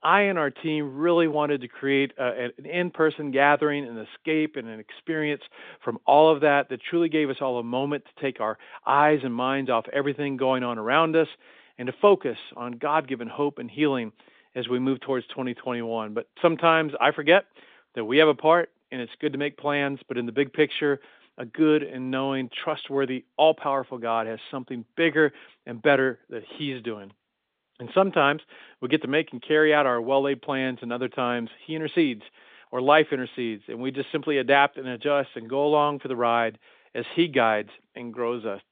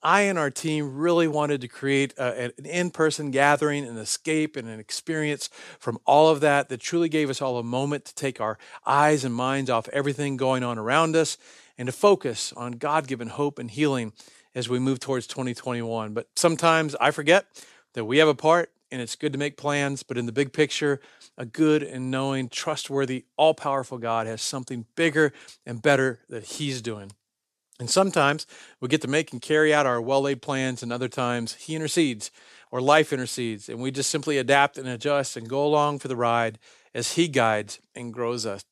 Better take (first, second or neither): second